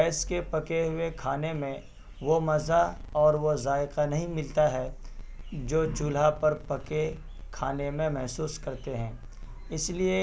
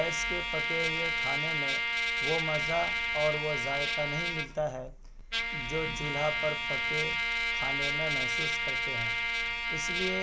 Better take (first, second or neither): first